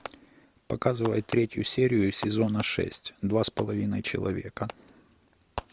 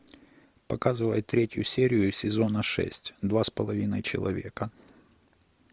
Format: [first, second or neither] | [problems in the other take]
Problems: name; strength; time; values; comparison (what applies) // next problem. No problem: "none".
second | background sound (Fireworks); 16 dB below the speech